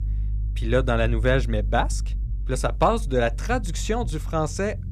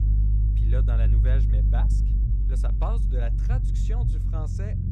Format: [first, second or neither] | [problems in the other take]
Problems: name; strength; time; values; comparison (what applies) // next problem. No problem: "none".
first | low rumble; loud; throughout; 2 dB below the speech; faint in the first